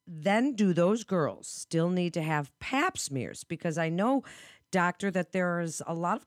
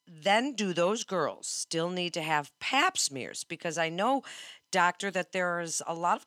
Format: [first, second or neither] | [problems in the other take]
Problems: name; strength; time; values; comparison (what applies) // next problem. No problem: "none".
first | thin; somewhat; fading below 1 kHz